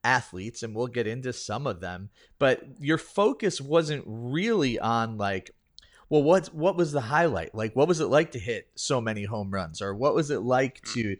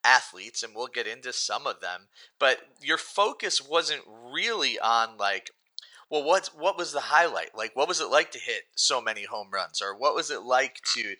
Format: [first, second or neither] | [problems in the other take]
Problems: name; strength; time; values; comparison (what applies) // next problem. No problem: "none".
first | thin; very; fading below 850 Hz